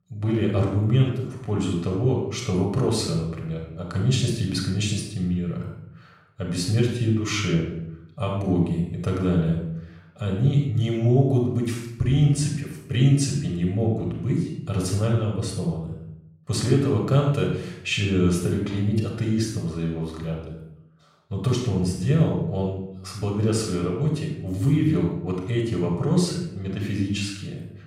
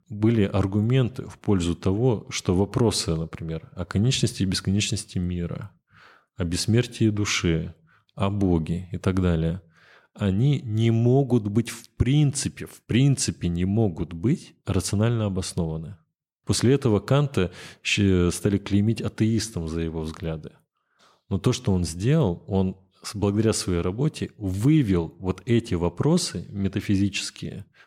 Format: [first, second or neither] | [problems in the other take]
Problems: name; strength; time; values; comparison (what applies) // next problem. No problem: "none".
second | off-mic speech; somewhat distant // room echo; noticeable; dies away in 0.6 s